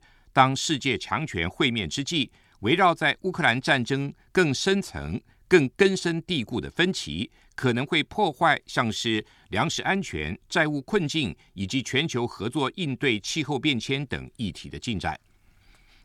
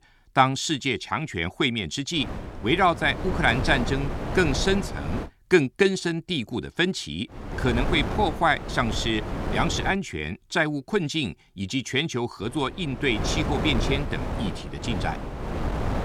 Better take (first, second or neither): first